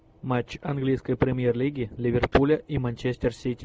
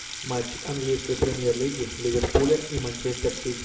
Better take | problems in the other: first | background sound (Sink (filling or washing) / Water tap, faucet); 10 dB below the speech // room echo; dies away in 0.6 s

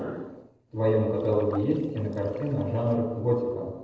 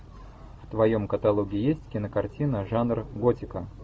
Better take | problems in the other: second | noise reduction (neural separator model SepFormer DNS4)

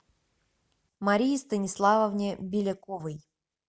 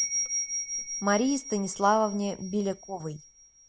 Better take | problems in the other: first | background sound (Bell); 6 dB below the speech

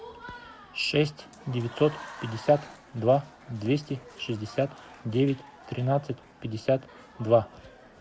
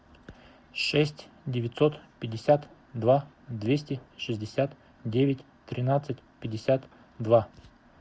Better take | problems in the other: second | background sound (Applause / Crowd); 19 dB below the speech

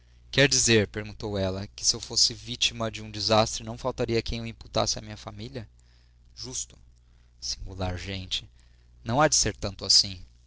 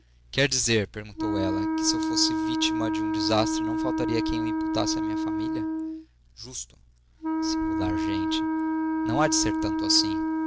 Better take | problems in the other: first | background sound (Wind instrument, woodwind instrument); 3 dB above the speech

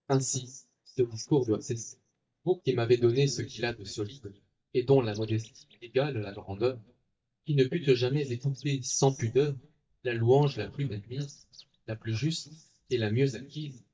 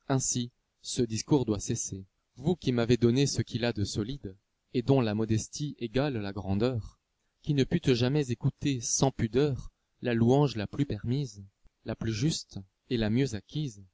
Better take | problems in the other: second | noise reduction (neural mask model DeepFilterNet 3)

